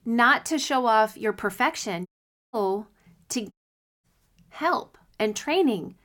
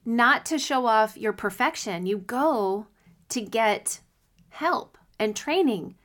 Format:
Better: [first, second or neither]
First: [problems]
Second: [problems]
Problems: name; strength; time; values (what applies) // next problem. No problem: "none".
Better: second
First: audio cutting out; at 2 s and at 3.5 s for 0.5 s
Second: none